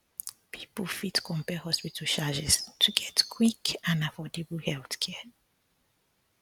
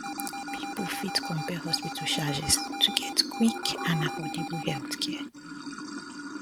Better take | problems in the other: first | background sound (Alarm + Sink (filling or washing) / Water); 5 dB below the speech

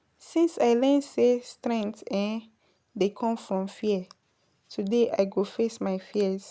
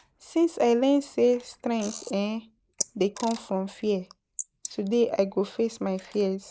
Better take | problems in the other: first | noise reduction (neural mask model Resemble Enhance denoiser)

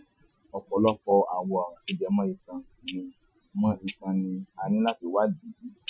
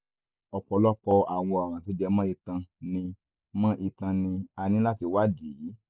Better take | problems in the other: second | noise reduction (classical method Wiener filter)

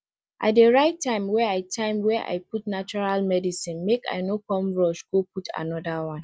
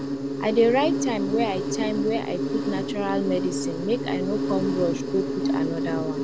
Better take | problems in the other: first | background sound (Insect); as loud as the speech

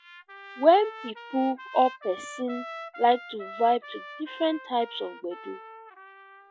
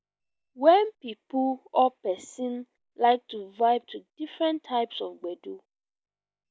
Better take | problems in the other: second | noise reduction (classical method Wiener filter)

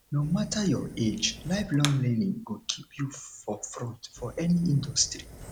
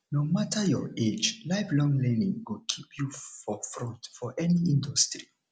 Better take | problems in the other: second | background sound (Fire); 15 dB below the speech

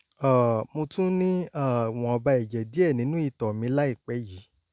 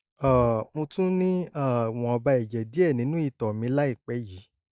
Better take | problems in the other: first | noise reduction (neural mask model DeepFilterNet 3)

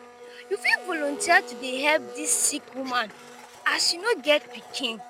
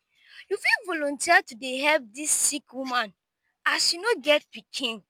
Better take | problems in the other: second | background sound (Domestic sounds, home sounds); 15 dB below the speech

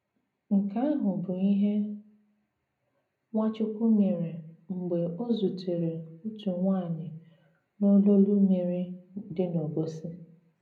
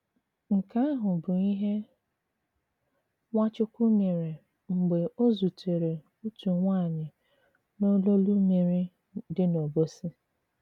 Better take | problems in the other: second | room echo; dies away in 0.5 s

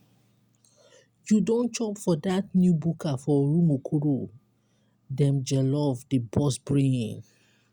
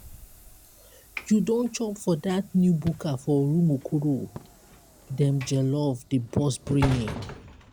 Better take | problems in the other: first | background sound (Sliding door / Train + Fireworks); 14 dB below the speech

